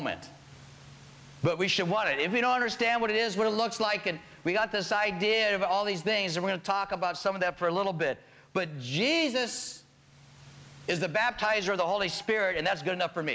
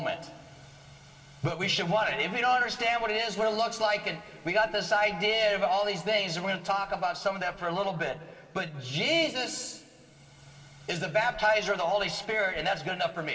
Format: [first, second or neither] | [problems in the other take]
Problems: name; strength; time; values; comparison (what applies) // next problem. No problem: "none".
first | room echo; dies away in 2.9 s